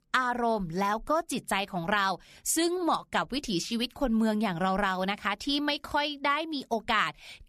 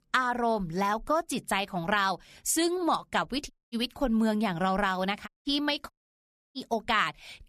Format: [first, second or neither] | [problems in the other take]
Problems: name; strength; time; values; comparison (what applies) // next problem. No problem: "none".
first | audio cutting out; at 3.5 s, at 5.5 s and at 6 s for 0.5 s